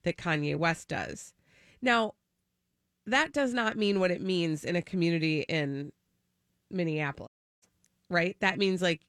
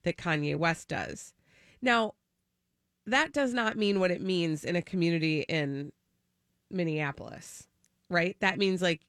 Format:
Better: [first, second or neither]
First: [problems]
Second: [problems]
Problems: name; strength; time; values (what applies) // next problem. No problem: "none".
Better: second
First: audio cutting out; at 7.5 s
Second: none